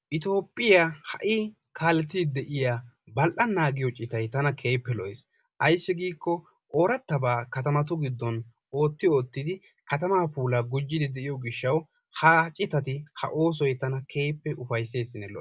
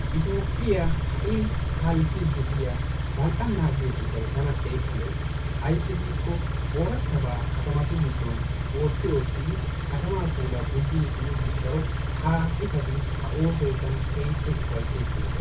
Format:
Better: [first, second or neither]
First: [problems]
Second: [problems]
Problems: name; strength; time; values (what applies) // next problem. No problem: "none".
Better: first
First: none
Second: background sound (Idling / Car); 3 dB above the speech // room echo; dies away in 0.3 s